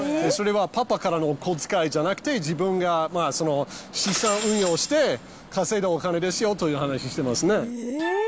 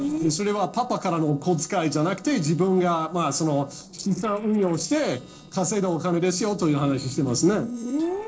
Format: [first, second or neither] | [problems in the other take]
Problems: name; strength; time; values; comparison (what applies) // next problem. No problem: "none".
first | noise reduction (neural separator model SepFormer DNS4)